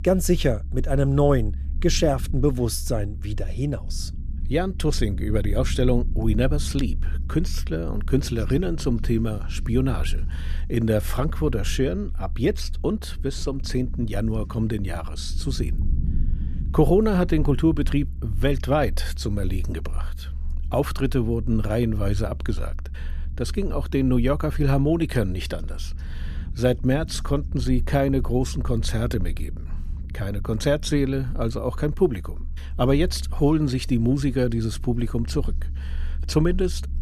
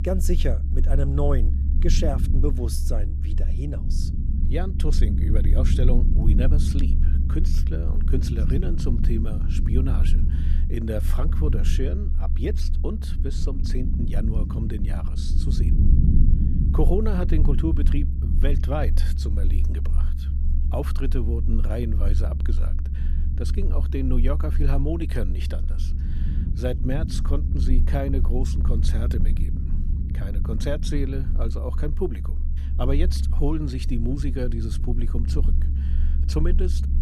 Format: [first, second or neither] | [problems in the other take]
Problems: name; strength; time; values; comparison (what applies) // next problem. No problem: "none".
first | low rumble; loud; throughout; 7 dB below the speech; faint in the first